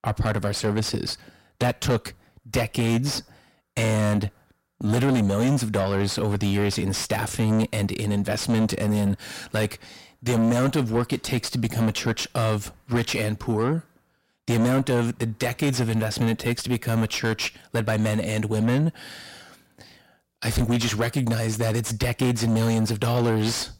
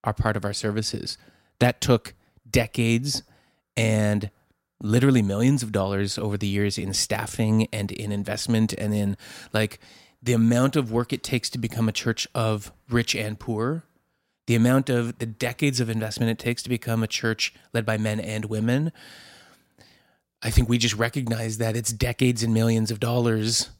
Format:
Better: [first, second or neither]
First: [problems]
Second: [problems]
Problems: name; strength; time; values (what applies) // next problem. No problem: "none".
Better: second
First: distortion; heavy; 7 dB below the speech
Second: none